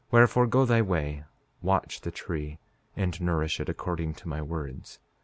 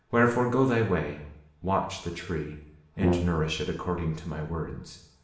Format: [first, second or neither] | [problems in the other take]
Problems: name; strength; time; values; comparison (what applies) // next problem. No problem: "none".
first | background sound (Brass instrument); 3 dB below the speech // room echo; dies away in 0.7 s